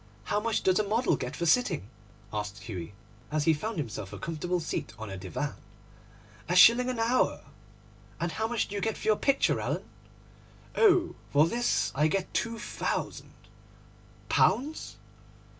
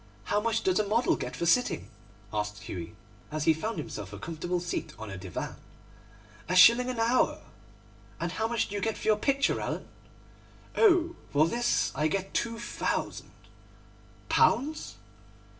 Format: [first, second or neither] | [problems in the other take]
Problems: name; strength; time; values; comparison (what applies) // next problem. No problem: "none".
first | room echo; dies away in 0.5 s